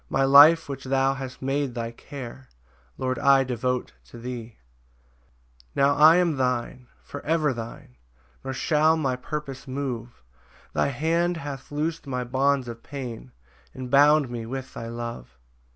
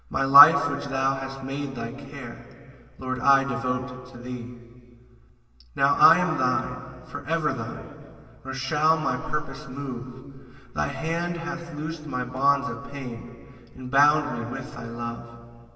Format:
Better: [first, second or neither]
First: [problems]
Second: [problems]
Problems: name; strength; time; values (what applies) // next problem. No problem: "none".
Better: first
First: none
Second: room echo; dies away in 2.4 s